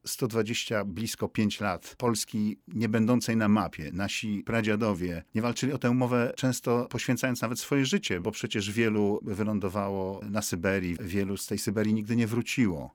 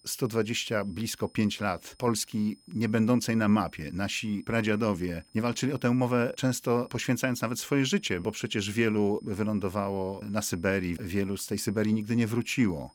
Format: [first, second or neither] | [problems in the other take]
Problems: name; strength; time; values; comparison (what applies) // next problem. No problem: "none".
first | high-pitched whine; faint; throughout; 5 kHz, 30 dB below the speech